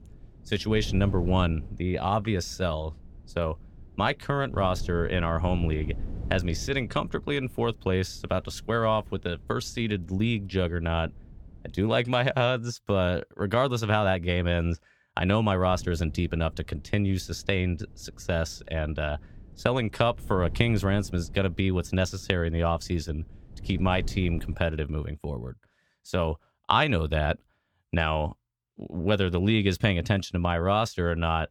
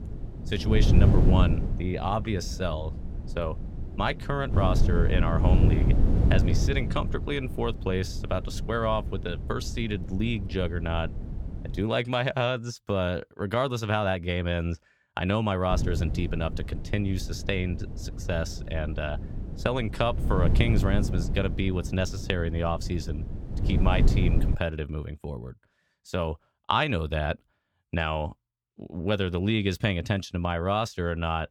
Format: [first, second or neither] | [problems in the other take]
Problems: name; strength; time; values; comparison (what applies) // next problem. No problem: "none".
first | wind noise on the microphone; heavy; until 12 s and from 16 to 25 s; 10 dB below the speech; occasional gusts in the first